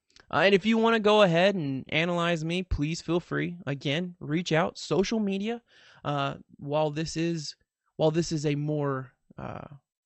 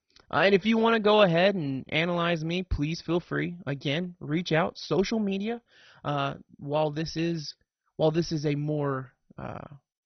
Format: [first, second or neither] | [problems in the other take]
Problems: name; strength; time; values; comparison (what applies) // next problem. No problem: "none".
first | garbled, watery; badly; nothing above 6 kHz; slightly in the first